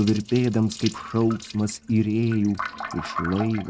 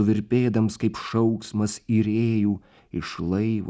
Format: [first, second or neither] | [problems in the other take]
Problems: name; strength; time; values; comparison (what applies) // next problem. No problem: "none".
second | noise reduction (neural mask model RNNoise)